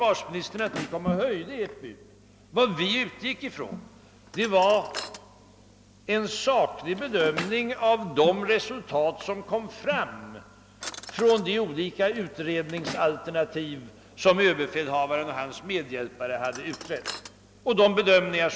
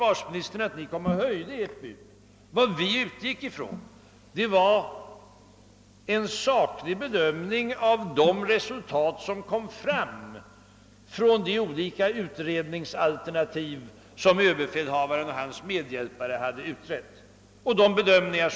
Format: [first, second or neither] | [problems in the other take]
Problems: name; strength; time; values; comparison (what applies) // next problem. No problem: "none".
second | background sound (Drawer open or close); 18 dB below the speech